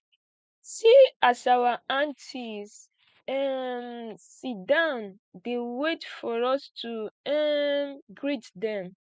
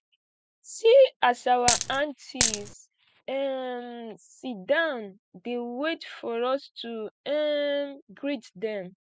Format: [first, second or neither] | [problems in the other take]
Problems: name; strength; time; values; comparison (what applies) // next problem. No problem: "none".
first | background sound (Coin (dropping)); 2 dB above the speech